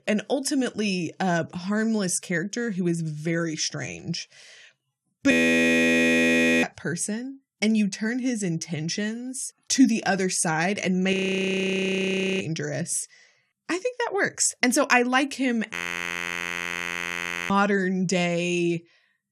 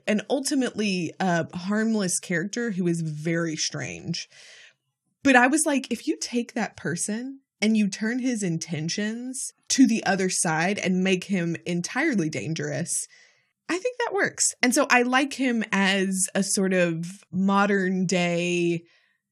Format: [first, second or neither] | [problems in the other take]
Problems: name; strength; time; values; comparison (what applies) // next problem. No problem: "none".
second | audio freezing; at 5.5 s for 1.5 s, at 11 s for 1.5 s and at 16 s for 2 s